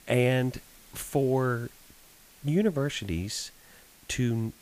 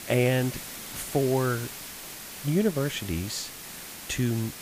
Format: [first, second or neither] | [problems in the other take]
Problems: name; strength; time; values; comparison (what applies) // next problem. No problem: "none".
first | hiss; loud; throughout; 10 dB below the speech; faint in the first